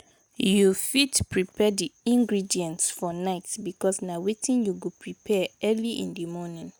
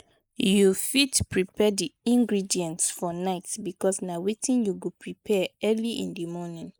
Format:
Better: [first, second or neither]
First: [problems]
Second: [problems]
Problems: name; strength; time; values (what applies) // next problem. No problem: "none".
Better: first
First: none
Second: noise reduction (neural mask model Resemble Enhance denoiser)